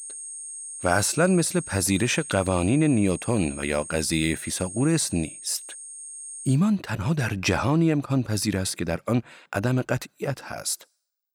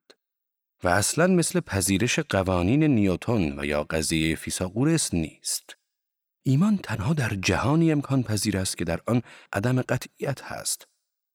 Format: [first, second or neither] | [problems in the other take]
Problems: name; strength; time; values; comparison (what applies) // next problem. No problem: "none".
second | high-pitched whine; noticeable; until 6.5 s; 8.5 kHz, 10 dB below the speech